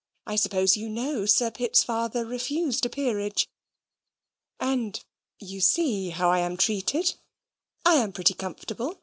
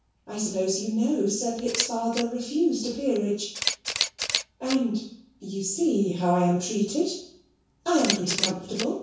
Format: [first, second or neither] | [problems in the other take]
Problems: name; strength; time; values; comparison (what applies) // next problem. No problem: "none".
first | background sound (Camera); 8 dB below the speech // room echo; dies away in 0.6 s